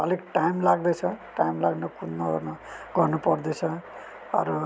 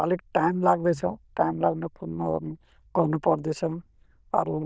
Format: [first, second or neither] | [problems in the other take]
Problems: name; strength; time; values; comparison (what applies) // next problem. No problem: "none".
first | noise reduction (neural diffusion model UNIVERSE++)